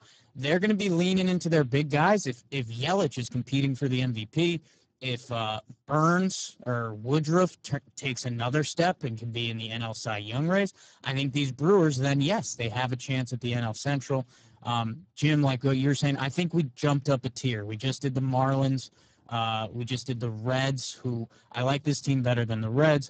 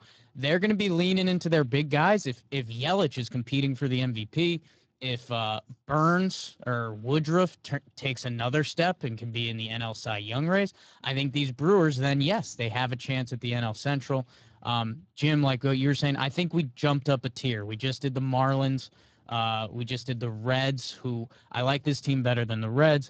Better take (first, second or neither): second